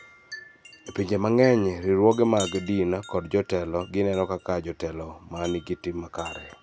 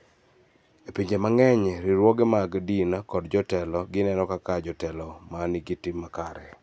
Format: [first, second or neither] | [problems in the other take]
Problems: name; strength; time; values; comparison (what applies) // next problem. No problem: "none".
second | background sound (Wind chime); 19 dB below the speech